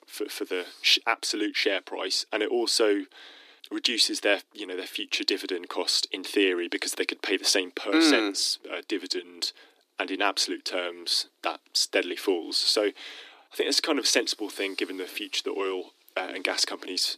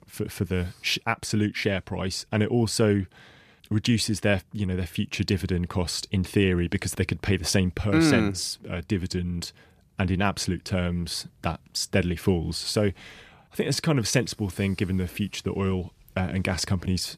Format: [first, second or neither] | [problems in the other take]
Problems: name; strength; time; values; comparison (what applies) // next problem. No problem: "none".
second | thin; somewhat; fading below 300 Hz